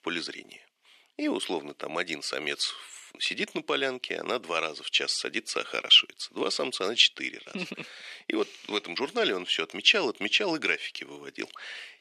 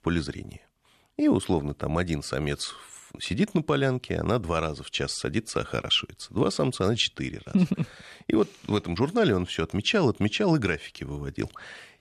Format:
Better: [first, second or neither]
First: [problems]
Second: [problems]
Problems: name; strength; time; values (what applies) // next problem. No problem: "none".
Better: second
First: thin; somewhat; fading below 300 Hz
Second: none